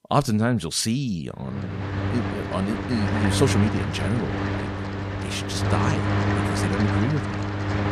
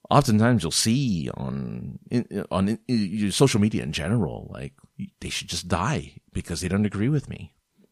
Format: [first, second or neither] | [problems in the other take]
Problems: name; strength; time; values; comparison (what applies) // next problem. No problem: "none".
second | machinery noise; very loud; from 1.5 s on; as loud as the speech